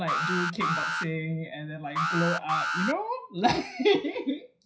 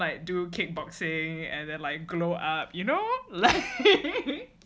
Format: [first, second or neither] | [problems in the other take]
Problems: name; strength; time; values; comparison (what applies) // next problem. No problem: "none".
second | noise reduction (classical method WPE with log-MMSE)